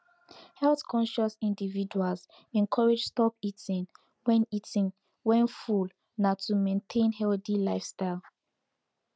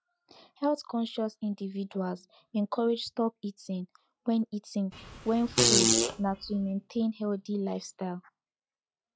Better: first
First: none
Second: noise reduction (classical method log-MMSE)

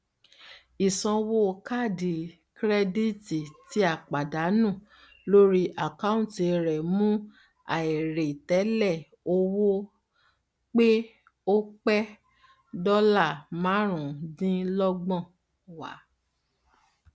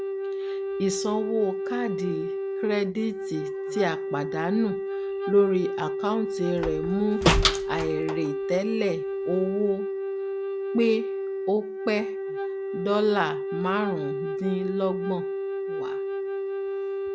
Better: first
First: none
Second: background sound (Slam + Wind instrument, woodwind instrument); 1 dB below the speech

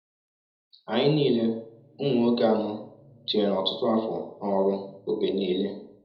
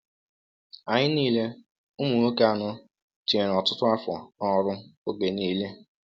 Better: second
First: room echo; dies away in 0.8 s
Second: none

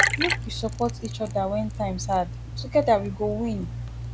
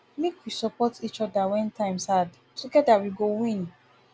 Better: second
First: background sound (Liquid); 3 dB below the speech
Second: none

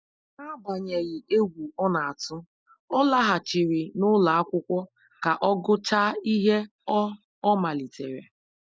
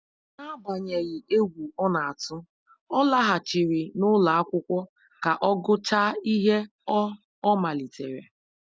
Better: second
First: noise reduction (neural mask model Resemble Enhance denoiser)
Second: none

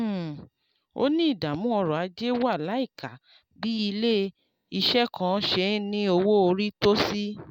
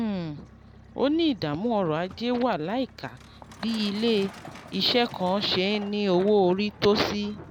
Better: first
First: none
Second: background sound (Truck); 19 dB below the speech

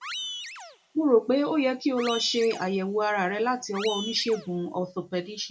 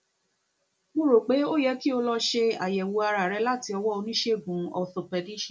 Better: second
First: background sound (Animal); 13 dB below the speech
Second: none

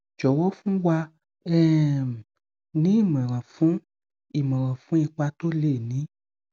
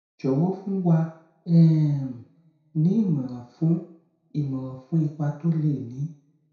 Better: first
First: none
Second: room echo; dies away in 0.6 s

